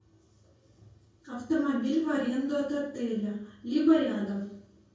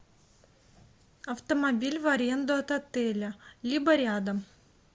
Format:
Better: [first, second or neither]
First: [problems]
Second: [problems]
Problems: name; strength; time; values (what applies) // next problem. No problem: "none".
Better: second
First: room echo; dies away in 0.6 s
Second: none